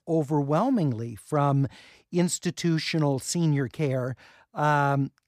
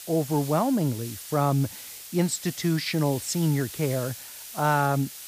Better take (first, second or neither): first